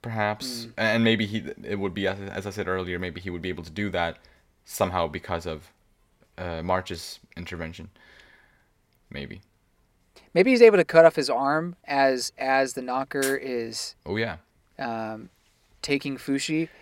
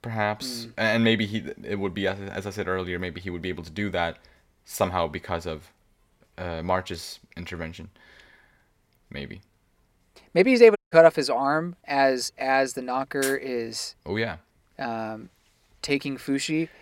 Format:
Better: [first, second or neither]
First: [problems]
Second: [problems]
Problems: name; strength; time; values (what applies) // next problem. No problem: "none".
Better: first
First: none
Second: audio cutting out; at 11 s